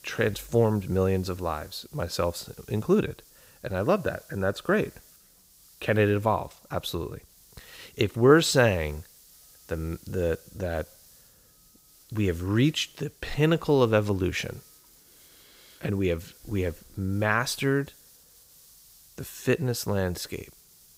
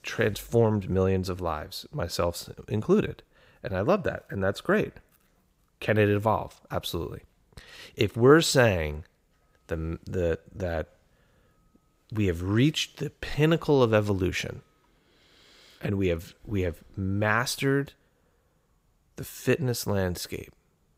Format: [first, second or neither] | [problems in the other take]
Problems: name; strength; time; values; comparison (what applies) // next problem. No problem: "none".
second | hiss; faint; throughout; 25 dB below the speech